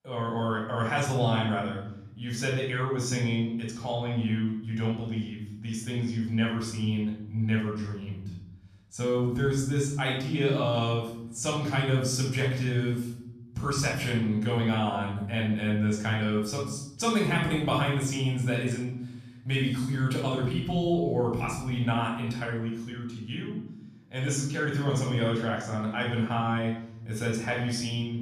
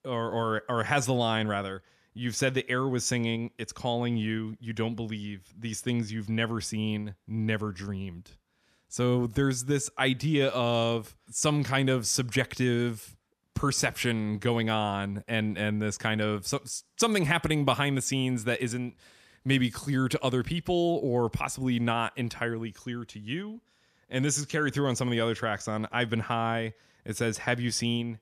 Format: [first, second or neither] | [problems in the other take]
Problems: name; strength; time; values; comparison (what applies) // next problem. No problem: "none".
second | off-mic speech; far // room echo; noticeable; dies away in 1 s